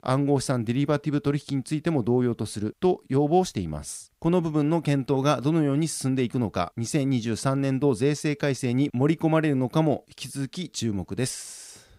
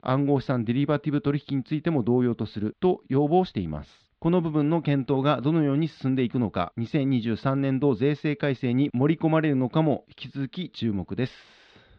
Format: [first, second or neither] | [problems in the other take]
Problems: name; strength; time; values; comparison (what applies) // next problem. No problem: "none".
first | muffled; slightly; fading above 4 kHz